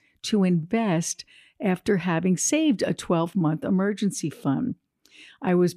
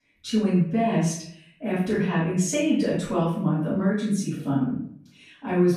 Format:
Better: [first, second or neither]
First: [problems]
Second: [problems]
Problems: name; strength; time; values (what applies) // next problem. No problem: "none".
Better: first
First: none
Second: off-mic speech; far // room echo; noticeable; dies away in 0.5 s